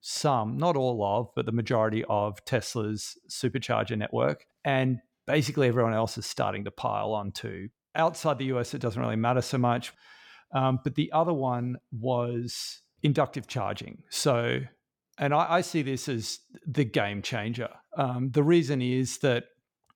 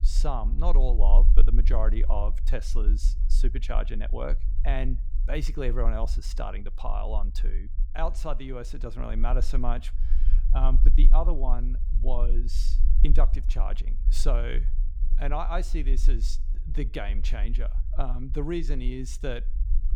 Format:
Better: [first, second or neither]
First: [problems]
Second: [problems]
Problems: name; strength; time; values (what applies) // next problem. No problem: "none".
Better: first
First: none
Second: low rumble; noticeable; throughout; 15 dB below the speech